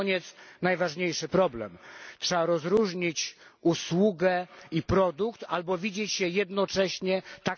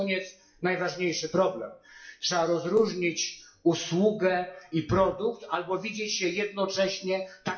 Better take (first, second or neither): first